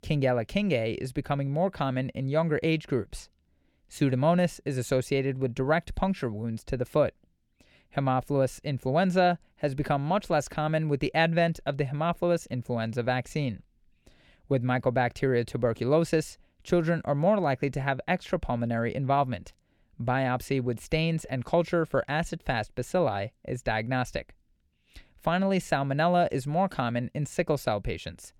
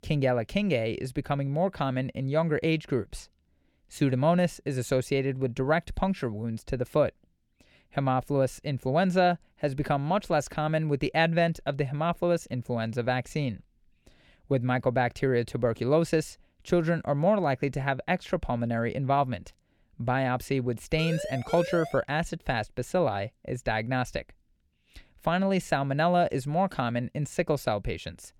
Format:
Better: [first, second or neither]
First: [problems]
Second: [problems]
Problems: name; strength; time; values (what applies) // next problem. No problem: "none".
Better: first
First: none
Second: siren; noticeable; at 21 s; peak 8 dB below the speech